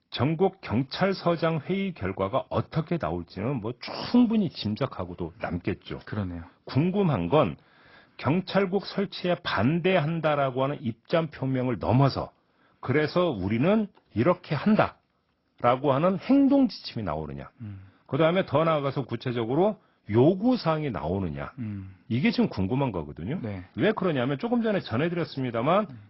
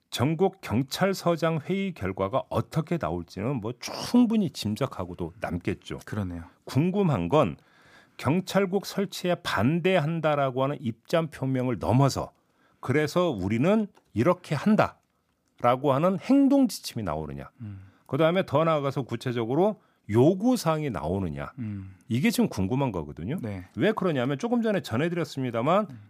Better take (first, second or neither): second